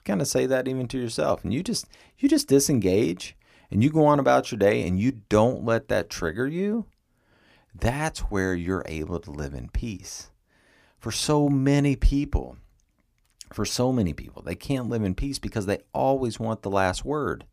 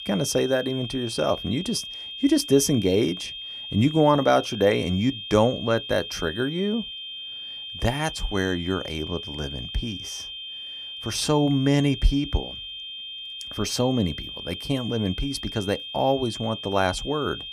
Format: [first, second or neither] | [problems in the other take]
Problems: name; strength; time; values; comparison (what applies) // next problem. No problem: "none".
first | high-pitched whine; loud; throughout; 3 kHz, 9 dB below the speech